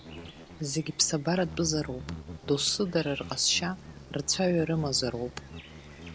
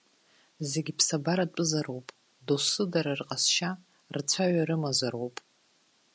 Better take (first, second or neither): second